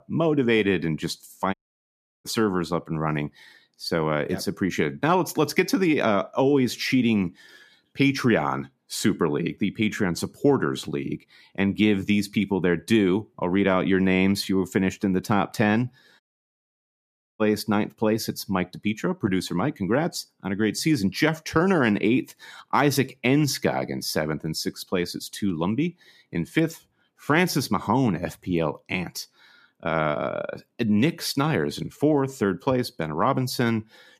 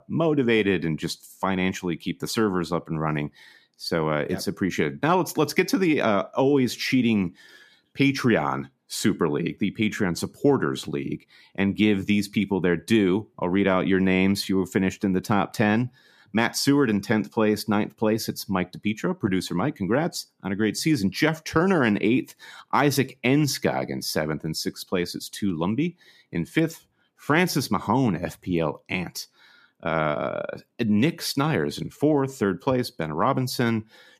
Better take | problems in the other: second | audio cutting out; at 1.5 s for 0.5 s and at 16 s for 1 s

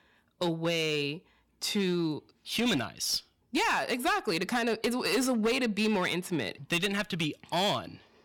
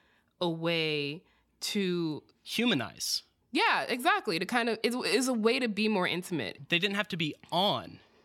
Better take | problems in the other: second | distortion; slight; 7% of the sound clipped

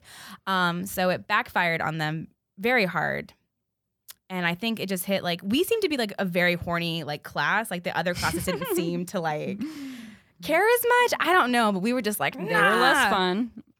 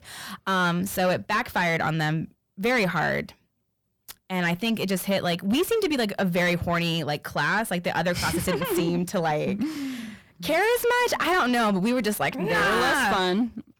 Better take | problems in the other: first | distortion; heavy; 8 dB below the speech

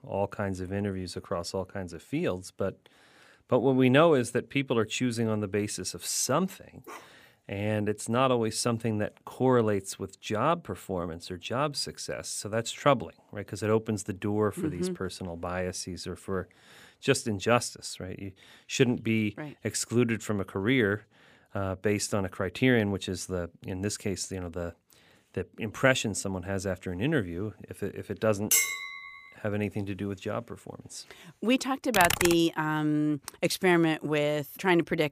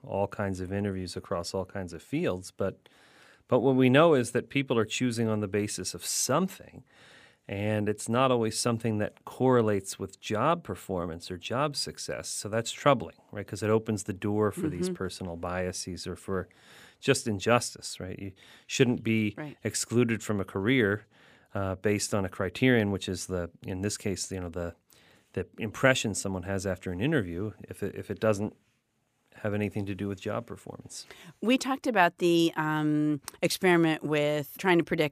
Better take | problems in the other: second | dog barking; faint; at 7 s; peak 20 dB below the speech // clattering dishes; loud; at 29 s; peak 5 dB above the speech // keyboard typing; loud; at 32 s; peak 3 dB above the speech

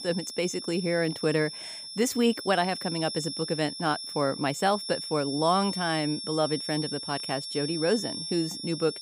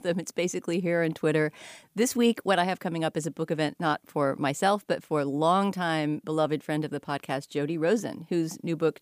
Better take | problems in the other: second | high-pitched whine; loud; throughout; 5.5 kHz, 6 dB below the speech

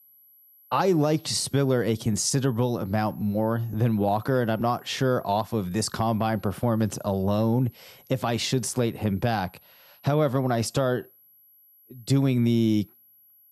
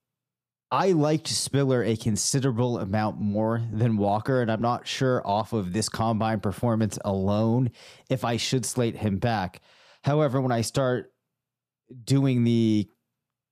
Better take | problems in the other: second | high-pitched whine; faint; throughout; 11.5 kHz, 30 dB below the speech

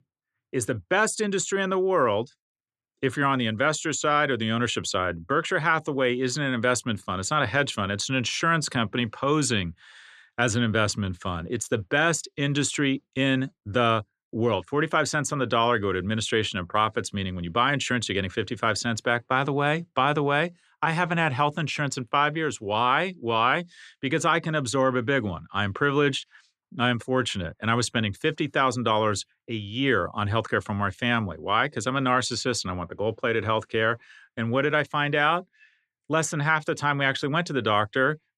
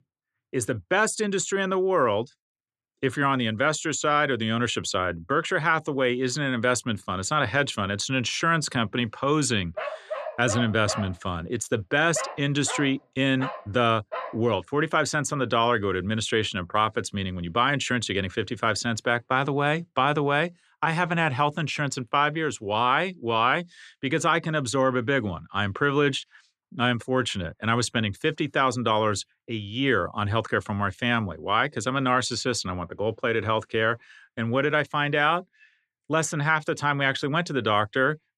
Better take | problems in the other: first | dog barking; noticeable; from 10 to 14 s; peak 8 dB below the speech

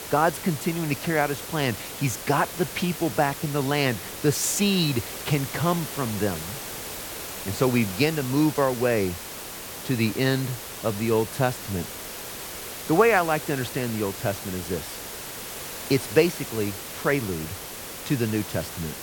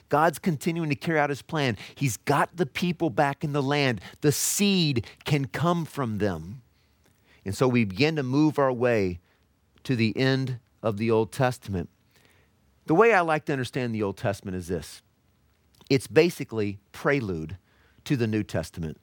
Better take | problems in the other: second | hiss; loud; throughout; 9 dB below the speech

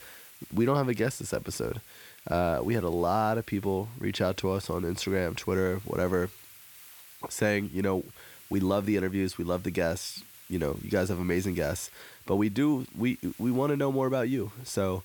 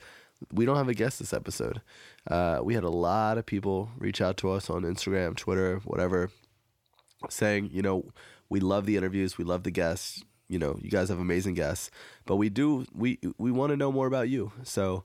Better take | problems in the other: second | hiss; noticeable; throughout; 20 dB below the speech

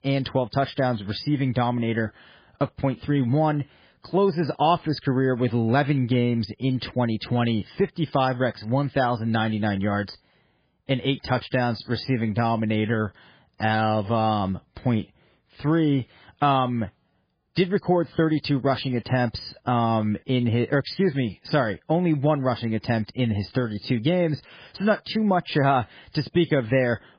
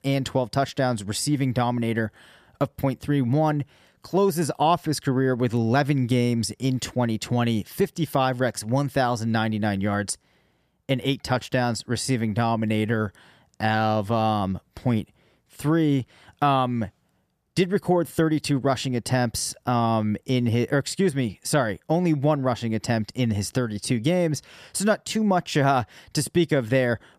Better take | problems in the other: second | garbled, watery; badly; nothing above 5 kHz

